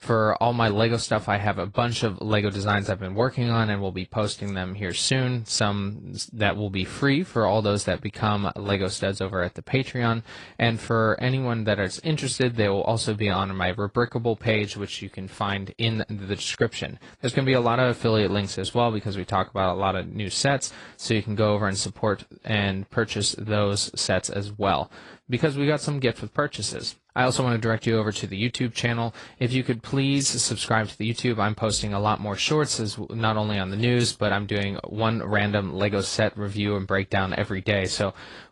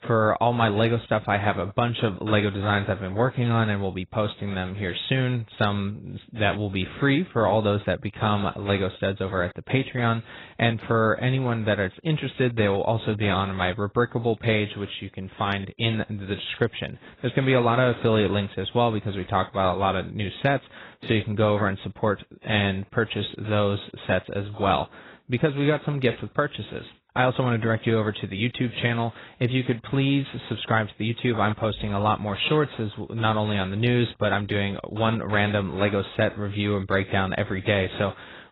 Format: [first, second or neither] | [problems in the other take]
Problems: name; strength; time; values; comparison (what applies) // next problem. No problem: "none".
first | garbled, watery; badly; nothing above 4 kHz; slightly in the first